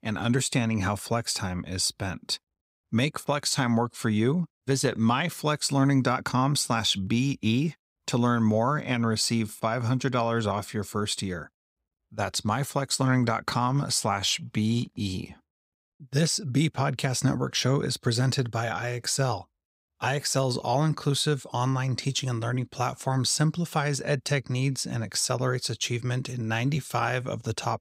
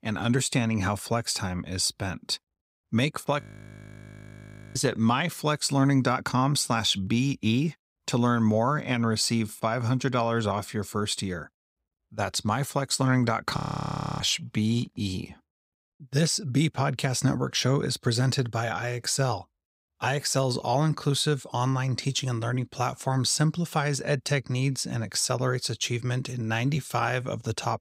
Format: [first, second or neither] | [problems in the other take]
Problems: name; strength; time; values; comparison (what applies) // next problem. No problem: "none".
first | audio freezing; at 3.5 s for 1.5 s and at 14 s for 0.5 s